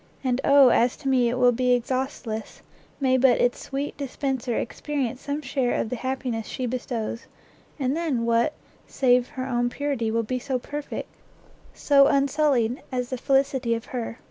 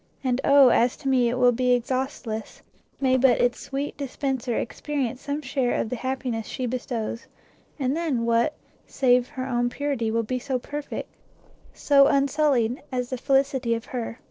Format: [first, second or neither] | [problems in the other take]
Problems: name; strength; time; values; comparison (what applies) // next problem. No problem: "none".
first | noise reduction (neural separator model SepFormer DNS4)